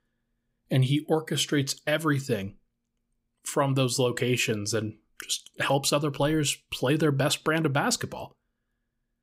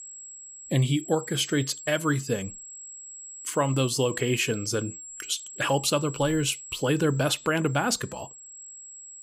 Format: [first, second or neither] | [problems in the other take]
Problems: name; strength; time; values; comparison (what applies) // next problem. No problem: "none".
first | high-pitched whine; noticeable; throughout; 7.5 kHz, 15 dB below the speech